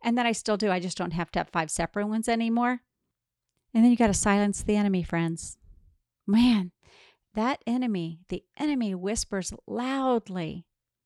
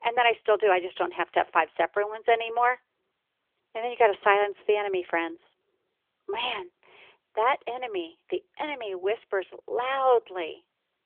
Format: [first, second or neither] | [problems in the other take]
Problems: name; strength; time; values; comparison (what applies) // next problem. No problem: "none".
first | phone-call audio; nothing above 3.5 kHz